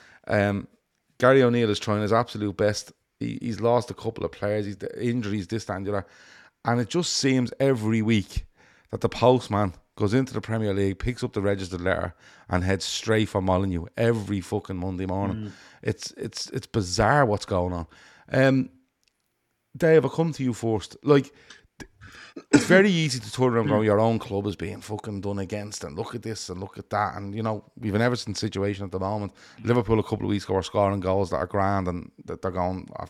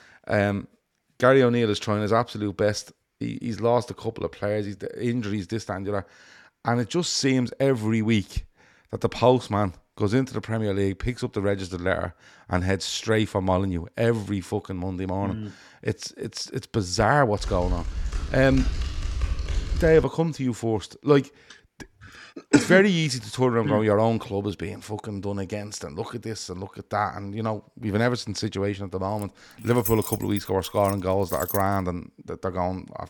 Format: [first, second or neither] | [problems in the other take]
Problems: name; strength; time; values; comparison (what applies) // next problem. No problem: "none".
first | keyboard typing; noticeable; from 17 to 20 s; peak 4 dB below the speech // jangling keys; noticeable; from 29 to 32 s; peak 5 dB below the speech